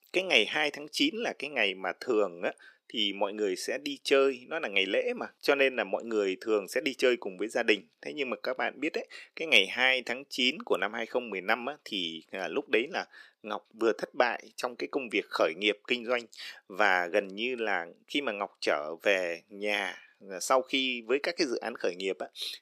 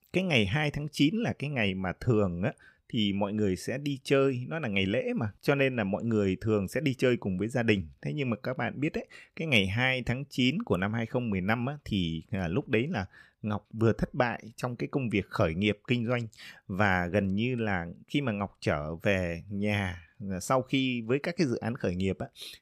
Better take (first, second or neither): second